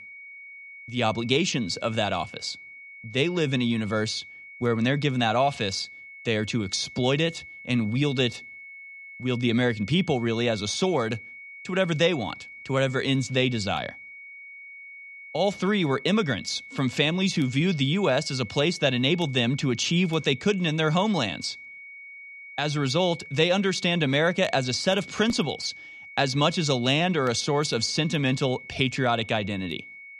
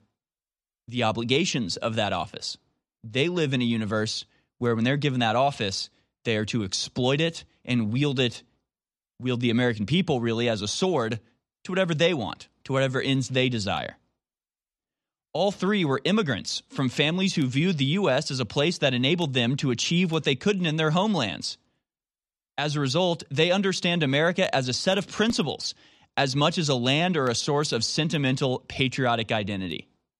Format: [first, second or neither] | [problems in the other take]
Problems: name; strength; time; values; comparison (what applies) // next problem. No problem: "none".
second | high-pitched whine; noticeable; throughout; 2 kHz, 15 dB below the speech